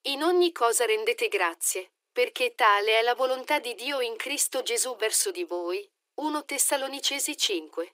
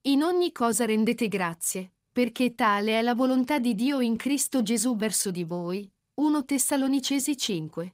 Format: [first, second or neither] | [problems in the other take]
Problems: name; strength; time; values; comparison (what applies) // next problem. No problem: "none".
second | thin; very; fading below 350 Hz